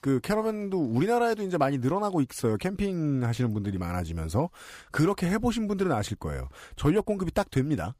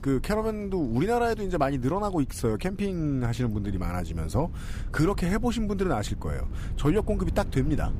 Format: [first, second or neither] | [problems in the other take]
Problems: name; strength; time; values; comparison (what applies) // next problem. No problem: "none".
first | wind noise on the microphone; occasional gusts; 20 dB below the speech